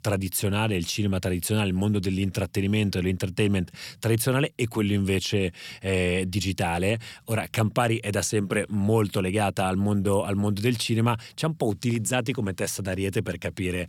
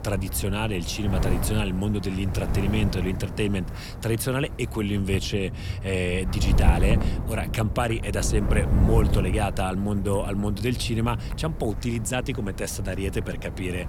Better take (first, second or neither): first